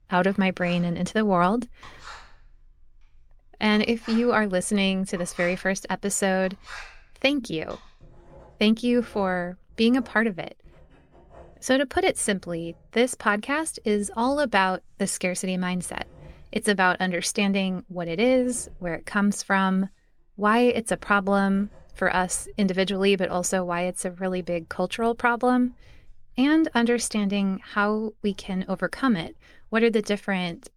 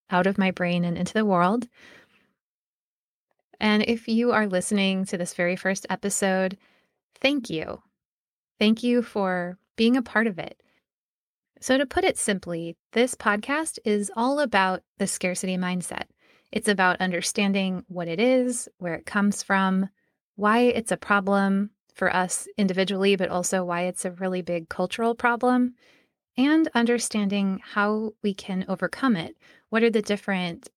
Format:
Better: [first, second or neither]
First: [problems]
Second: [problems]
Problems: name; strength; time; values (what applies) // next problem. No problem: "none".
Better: second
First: household noises; faint; throughout; 25 dB below the speech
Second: none